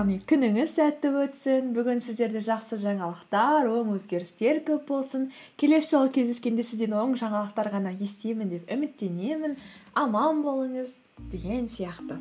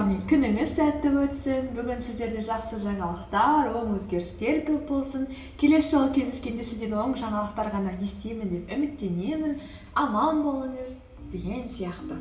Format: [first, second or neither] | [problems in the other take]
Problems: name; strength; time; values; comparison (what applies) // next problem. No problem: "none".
first | background sound (Aircraft); 17 dB below the speech // room echo; dies away in 0.8 s